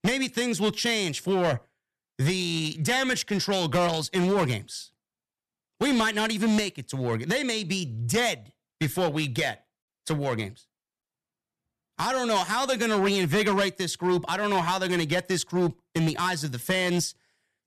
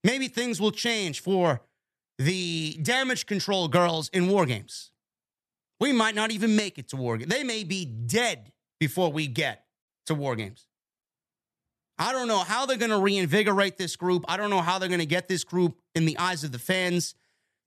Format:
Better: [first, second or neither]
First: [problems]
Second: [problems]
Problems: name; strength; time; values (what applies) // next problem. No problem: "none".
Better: second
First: distortion; slight; 7% of the sound clipped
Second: none